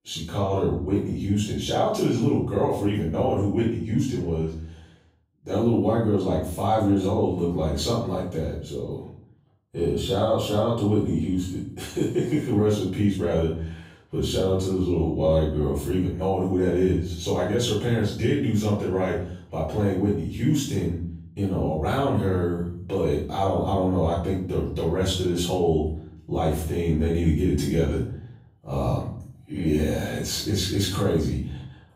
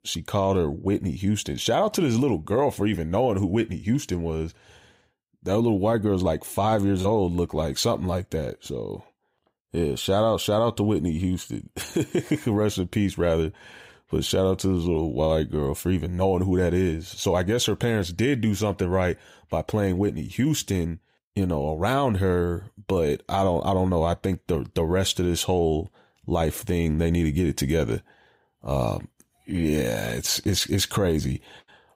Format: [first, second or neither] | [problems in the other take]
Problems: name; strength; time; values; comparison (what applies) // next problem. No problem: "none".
second | off-mic speech; far // room echo; noticeable; dies away in 0.6 s